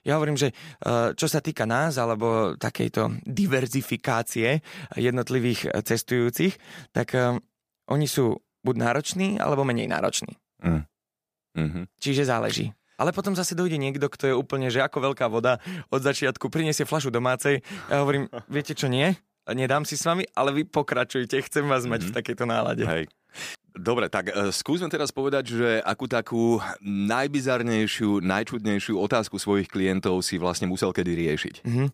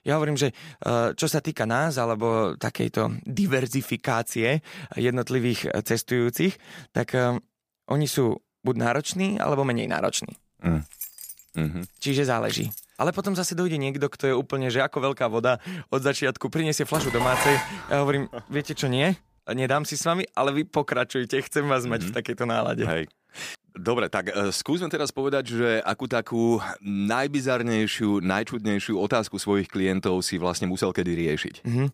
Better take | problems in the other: first | jangling keys; faint; from 10 to 13 s; peak 10 dB below the speech // clattering dishes; loud; at 17 s; peak 2 dB above the speech

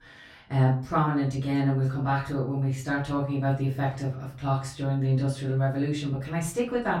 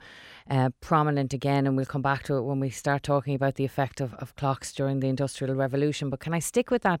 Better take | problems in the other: second | off-mic speech; far // room echo; slight; dies away in 0.4 s

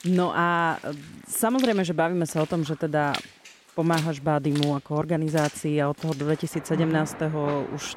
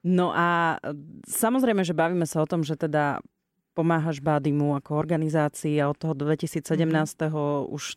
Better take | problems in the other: second | rain or running water; noticeable; throughout; 15 dB below the speech

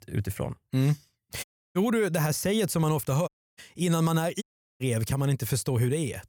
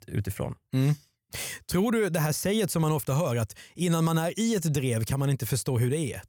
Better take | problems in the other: second | audio cutting out; at 1.5 s, at 3.5 s and at 4.5 s

